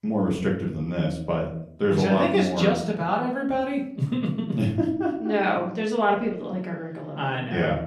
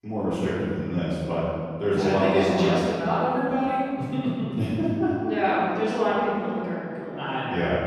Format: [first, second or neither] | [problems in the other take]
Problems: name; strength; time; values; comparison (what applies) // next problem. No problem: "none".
first | room echo; strong; dies away in 1.9 s; slight in the first // off-mic speech; far; far in the first